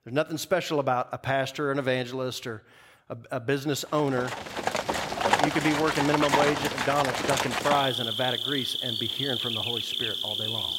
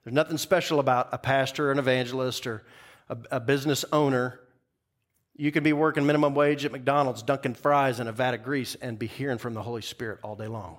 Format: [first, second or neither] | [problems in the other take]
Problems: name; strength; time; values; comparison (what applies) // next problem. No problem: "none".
second | animal sounds; very loud; from 4.5 s on; 1 dB above the speech